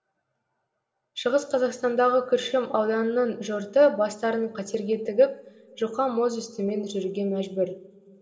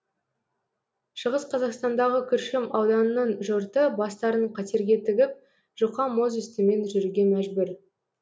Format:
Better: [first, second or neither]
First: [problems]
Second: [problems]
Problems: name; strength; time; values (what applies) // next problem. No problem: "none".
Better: second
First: room echo; dies away in 1.3 s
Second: none